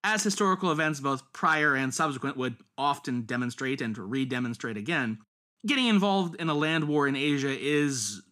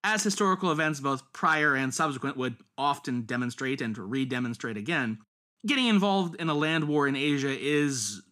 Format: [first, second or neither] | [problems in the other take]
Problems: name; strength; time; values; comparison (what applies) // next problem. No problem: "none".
neither | none